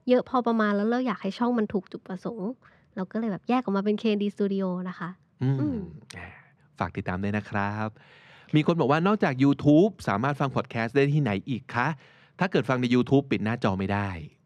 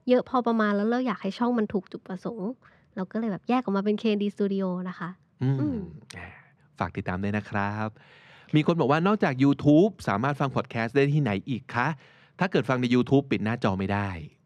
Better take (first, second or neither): neither